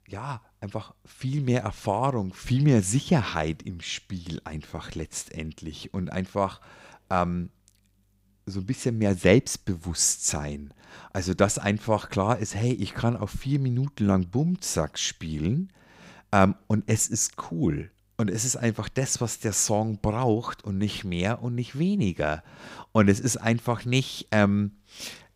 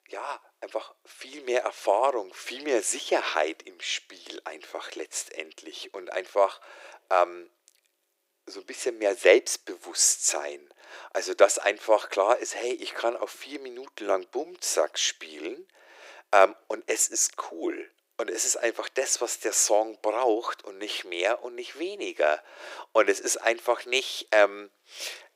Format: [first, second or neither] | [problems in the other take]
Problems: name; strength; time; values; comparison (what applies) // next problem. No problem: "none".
first | thin; very; fading below 350 Hz